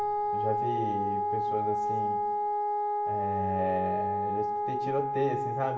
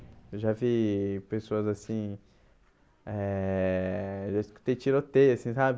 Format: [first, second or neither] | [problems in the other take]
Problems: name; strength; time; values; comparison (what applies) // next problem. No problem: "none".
second | background sound (Wind instrument, woodwind instrument); 5 dB above the speech // room echo; dies away in 0.7 s